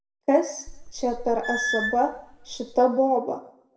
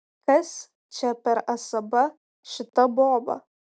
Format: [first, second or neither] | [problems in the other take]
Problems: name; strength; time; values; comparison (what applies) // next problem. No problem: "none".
second | background sound (Squeak / Screech); 7 dB below the speech // room echo; dies away in 0.6 s